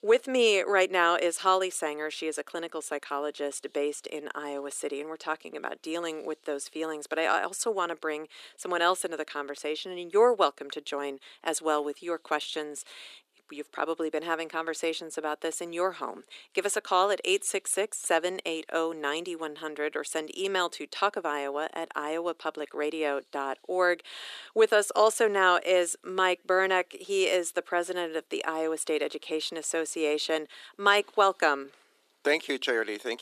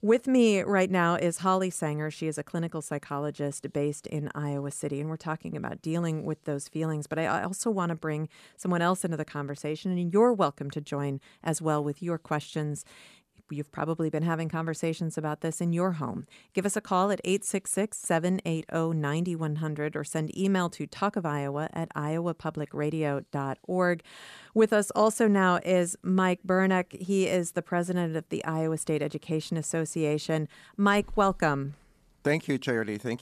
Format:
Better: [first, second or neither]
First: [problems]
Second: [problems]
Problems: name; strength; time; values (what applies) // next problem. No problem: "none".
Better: second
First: thin; very; fading below 350 Hz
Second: none